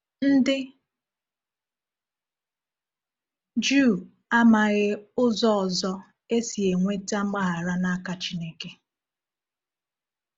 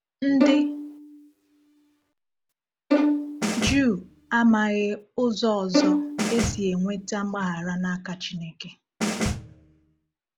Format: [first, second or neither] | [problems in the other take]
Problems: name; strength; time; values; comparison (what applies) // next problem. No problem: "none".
first | background sound (Snare drum + Bowed string instrument); as loud as the speech